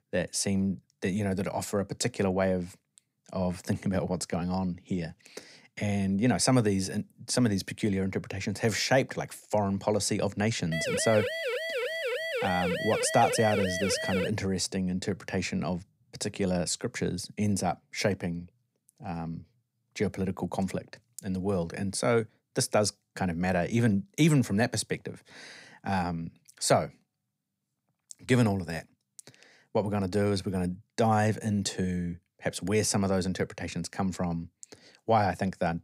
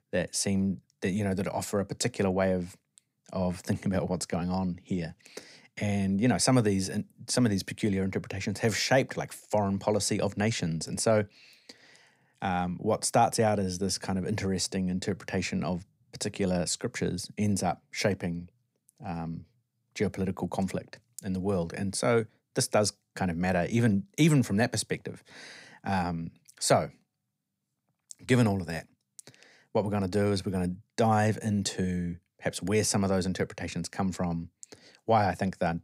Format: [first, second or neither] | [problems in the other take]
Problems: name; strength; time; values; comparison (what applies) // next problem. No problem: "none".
second | siren; noticeable; from 11 to 14 s; peak 1 dB below the speech